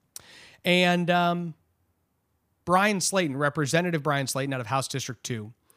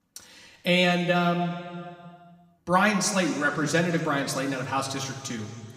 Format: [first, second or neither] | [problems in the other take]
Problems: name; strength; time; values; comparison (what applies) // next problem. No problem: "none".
first | room echo; slight; dies away in 2.1 s // off-mic speech; somewhat distant